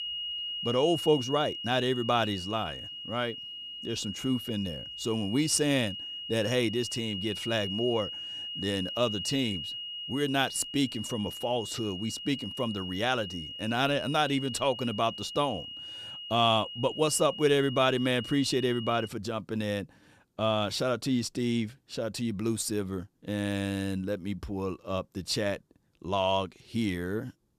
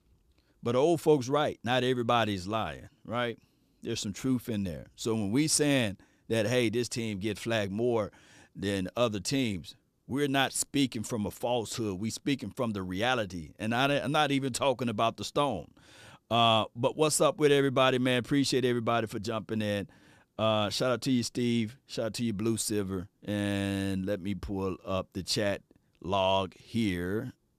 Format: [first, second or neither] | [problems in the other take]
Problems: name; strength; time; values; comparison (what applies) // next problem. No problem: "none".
second | high-pitched whine; loud; until 19 s; 3 kHz, 7 dB below the speech